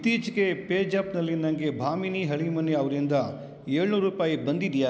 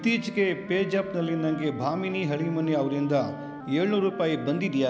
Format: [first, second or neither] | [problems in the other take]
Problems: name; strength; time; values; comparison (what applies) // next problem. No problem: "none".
first | background sound (Wind instrument, woodwind instrument); 15 dB below the speech